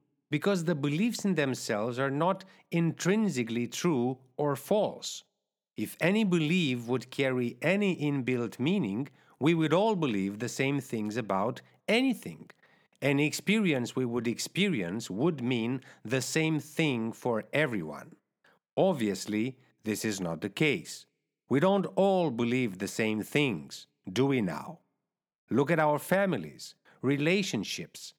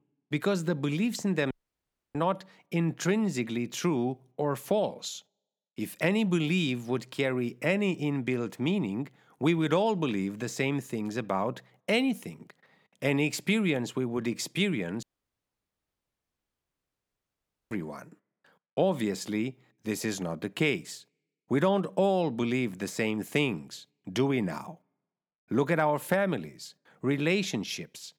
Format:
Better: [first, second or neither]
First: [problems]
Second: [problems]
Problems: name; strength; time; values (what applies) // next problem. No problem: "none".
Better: first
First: none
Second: audio cutting out; at 1.5 s for 0.5 s and at 15 s for 2.5 s